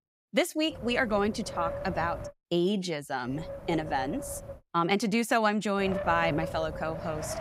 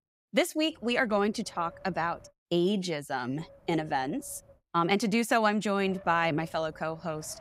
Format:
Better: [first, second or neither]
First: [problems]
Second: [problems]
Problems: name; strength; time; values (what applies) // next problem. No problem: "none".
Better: second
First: wind noise on the microphone; heavy; from 0.5 to 2.5 s, from 3.5 to 4.5 s and from 6 s on; 9 dB below the speech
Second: wind noise on the microphone; occasional gusts; from 0.5 to 2.5 s, from 3.5 to 4.5 s and from 6 s on; 25 dB below the speech